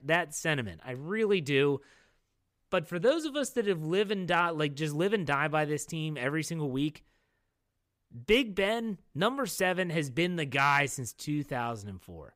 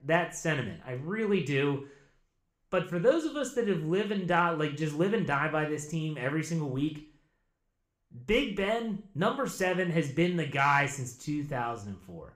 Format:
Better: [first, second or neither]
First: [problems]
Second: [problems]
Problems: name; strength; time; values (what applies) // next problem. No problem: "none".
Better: first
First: none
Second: room echo; very slight; dies away in 0.4 s